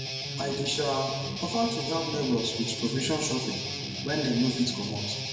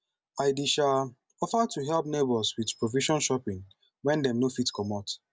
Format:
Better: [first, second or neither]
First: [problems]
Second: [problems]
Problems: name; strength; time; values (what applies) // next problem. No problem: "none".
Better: second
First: background sound (Guitar); 4 dB below the speech // room echo; dies away in 1.3 s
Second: none